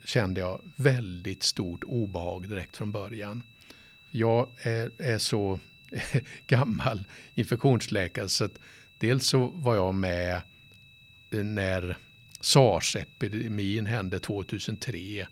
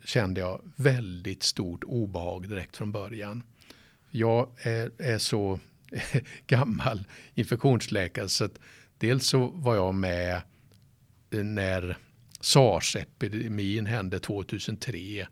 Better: second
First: high-pitched whine; faint; throughout; 2.5 kHz, 25 dB below the speech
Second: none

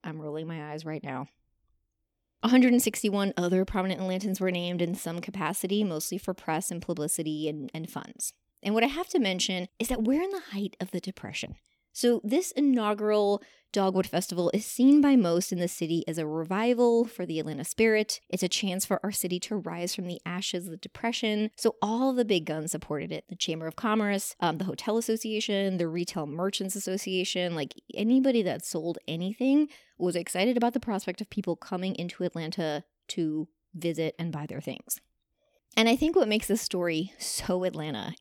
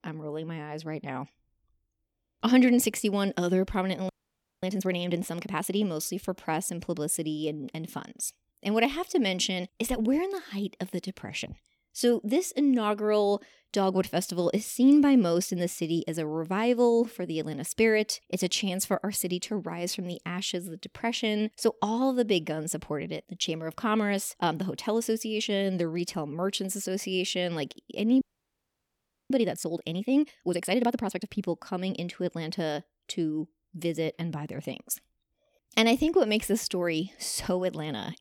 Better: first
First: none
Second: audio freezing; at 4 s for 0.5 s and at 28 s for 1 s

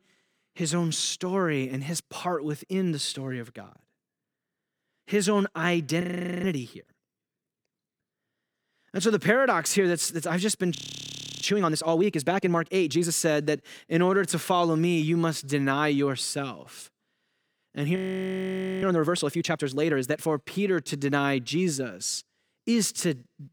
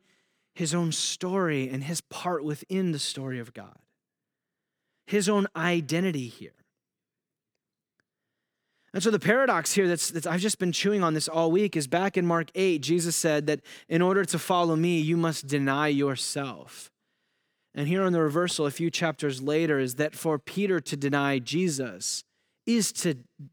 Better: second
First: audio freezing; at 6 s, at 11 s for 0.5 s and at 18 s for 1 s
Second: none

